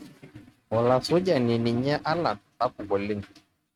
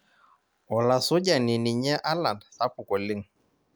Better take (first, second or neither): second